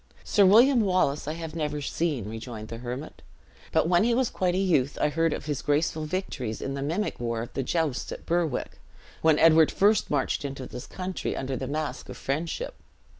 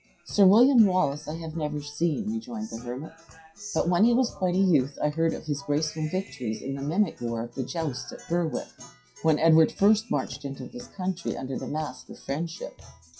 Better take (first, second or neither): first